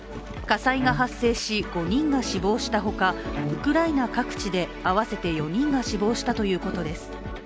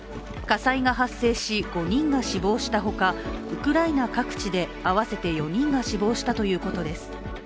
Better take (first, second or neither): second